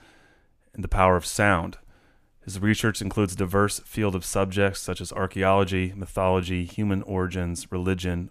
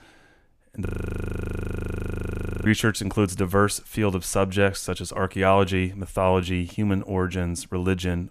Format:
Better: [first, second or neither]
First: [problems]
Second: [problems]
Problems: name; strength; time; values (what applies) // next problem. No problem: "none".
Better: first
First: none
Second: audio freezing; at 1 s for 2 s